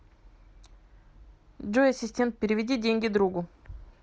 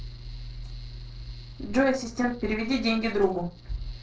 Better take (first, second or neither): first